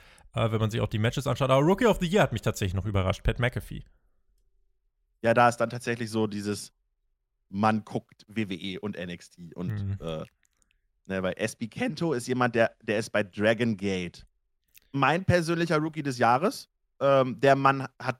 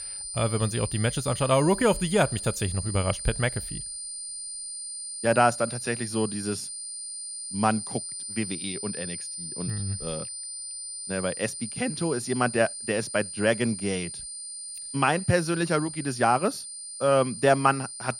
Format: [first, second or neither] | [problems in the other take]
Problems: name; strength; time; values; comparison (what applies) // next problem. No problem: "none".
first | high-pitched whine; loud; throughout; 9 kHz, 7 dB below the speech